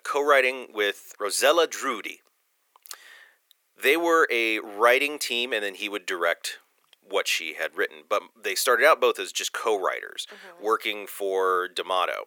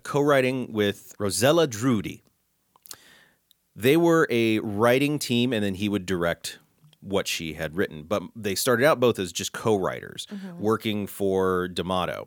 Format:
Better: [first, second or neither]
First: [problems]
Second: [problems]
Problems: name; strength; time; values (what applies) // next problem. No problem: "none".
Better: second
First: thin; very; fading below 400 Hz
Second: none